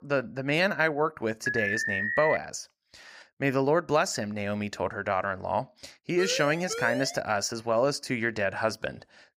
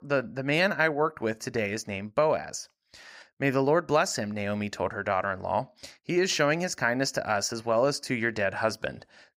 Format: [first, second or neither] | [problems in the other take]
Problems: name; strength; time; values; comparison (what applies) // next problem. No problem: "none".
second | alarm; loud; at 1.5 s; peak level with the speech // siren; noticeable; from 6 to 7 s; peak 6 dB below the speech